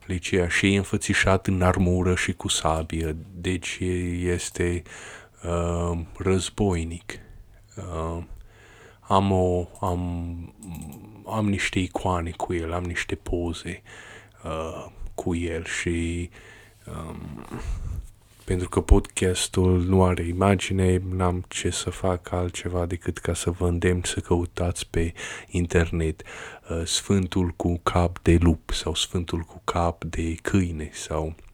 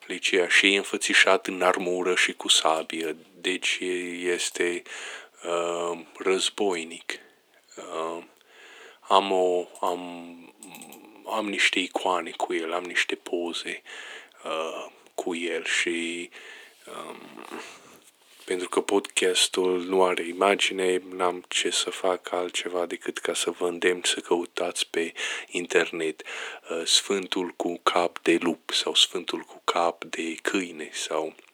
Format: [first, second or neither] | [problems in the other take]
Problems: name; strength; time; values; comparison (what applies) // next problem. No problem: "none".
first | thin; somewhat; fading below 300 Hz